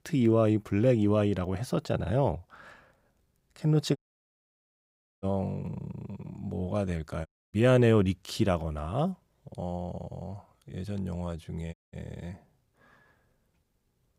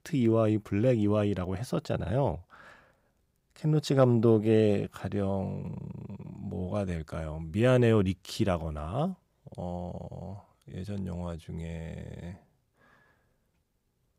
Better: second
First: audio cutting out; at 4 s for 1.5 s, at 7.5 s and at 12 s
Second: none

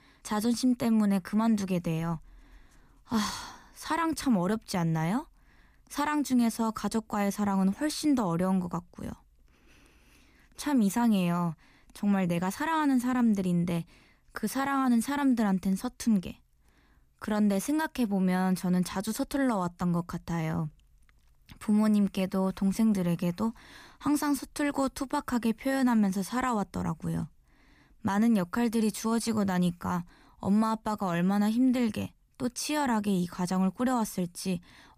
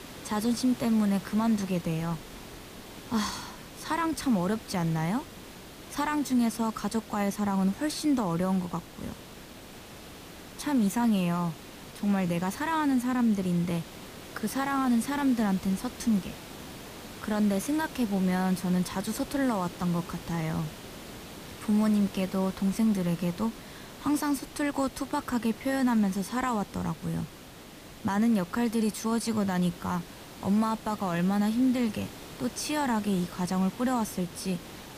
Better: first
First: none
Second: hiss; noticeable; throughout; 15 dB below the speech

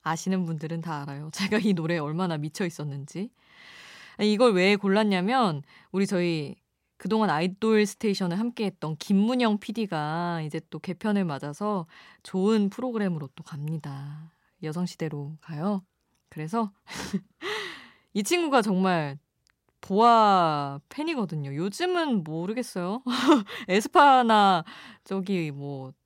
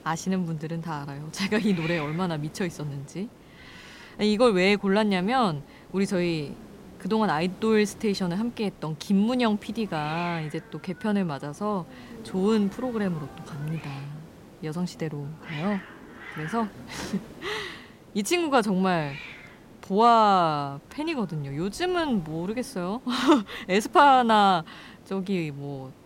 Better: first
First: none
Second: hiss; noticeable; throughout; 20 dB below the speech

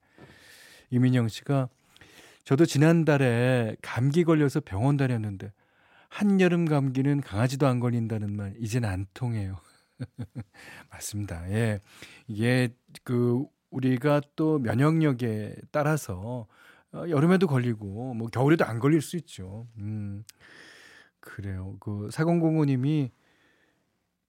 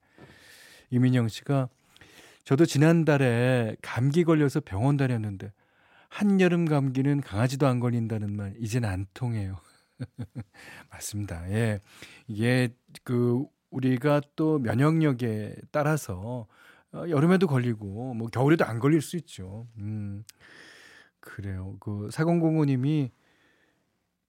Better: neither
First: none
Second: none

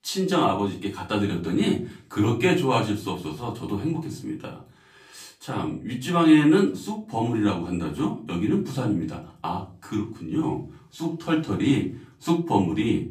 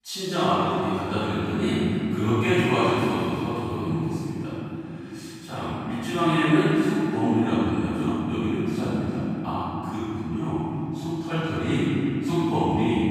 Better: first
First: room echo; slight; dies away in 0.4 s // off-mic speech; far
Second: room echo; strong; dies away in 3 s // off-mic speech; far

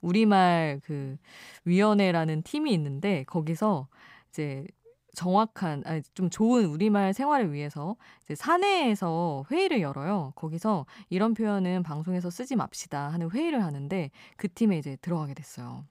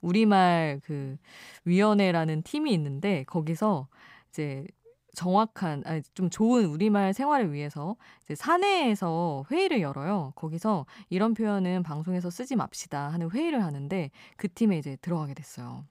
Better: neither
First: none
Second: none

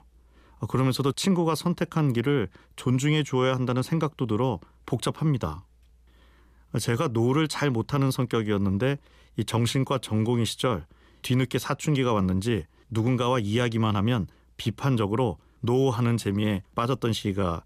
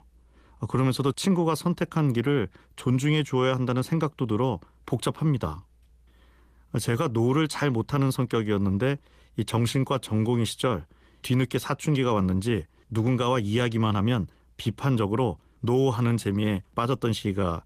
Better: first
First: none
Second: garbled, watery; slightly; nothing above 14.5 kHz

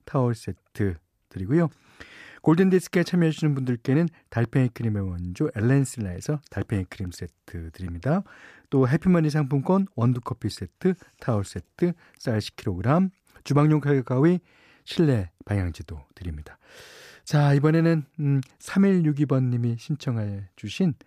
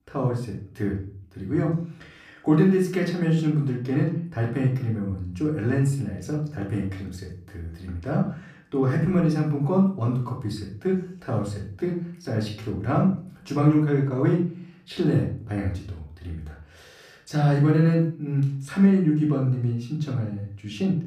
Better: first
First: none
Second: off-mic speech; far // room echo; slight; dies away in 0.4 s

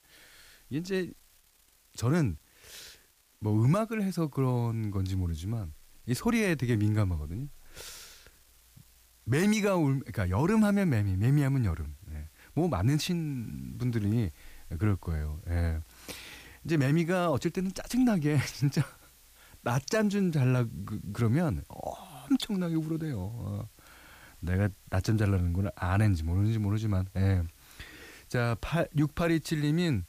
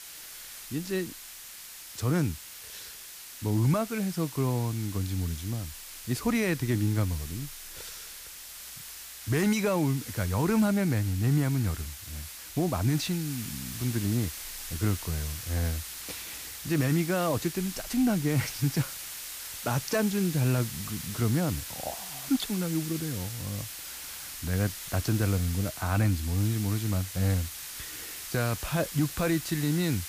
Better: first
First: hiss; faint; throughout; 30 dB below the speech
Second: hiss; loud; throughout; 9 dB below the speech

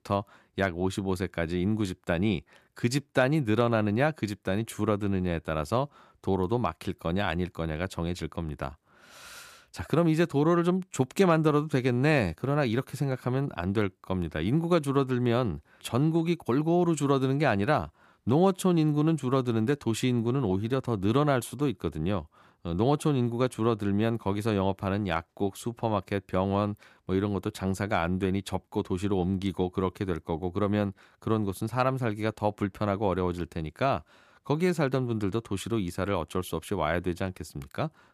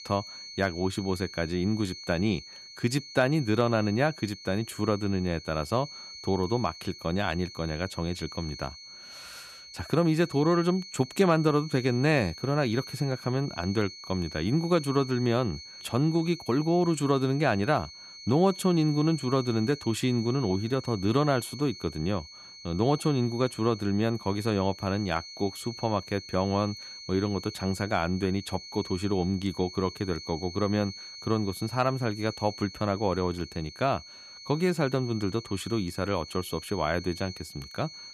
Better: first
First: none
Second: high-pitched whine; noticeable; throughout; 4.5 kHz, 15 dB below the speech

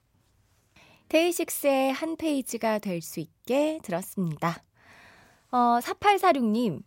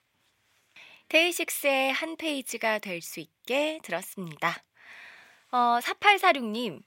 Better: first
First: none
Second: thin; very slightly; fading below 900 Hz

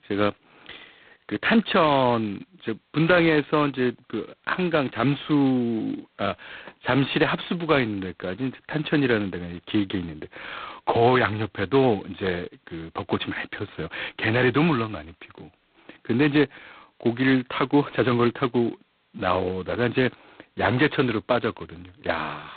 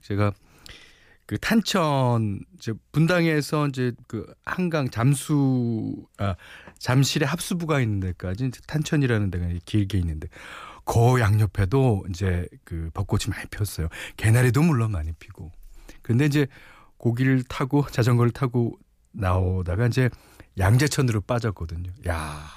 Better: second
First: phone-call audio; poor line; nothing above 4 kHz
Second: none

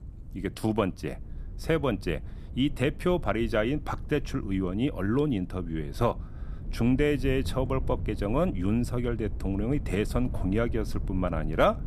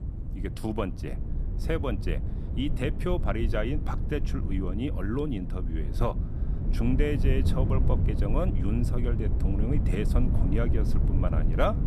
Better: first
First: low rumble; faint; throughout; 20 dB below the speech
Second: low rumble; loud; throughout; 8 dB below the speech

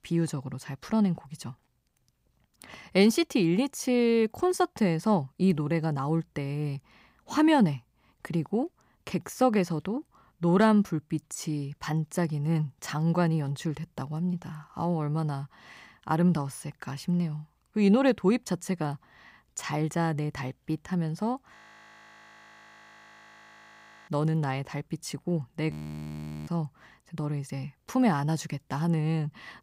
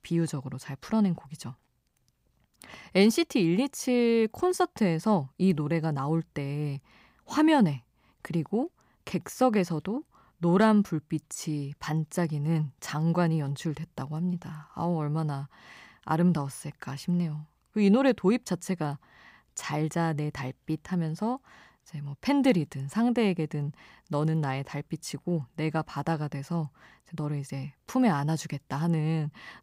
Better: second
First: audio freezing; at 22 s for 2.5 s and at 26 s for 1 s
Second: none

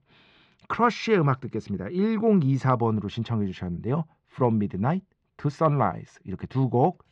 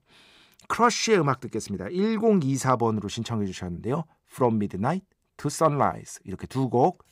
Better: second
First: muffled; slightly; fading above 3.5 kHz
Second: none

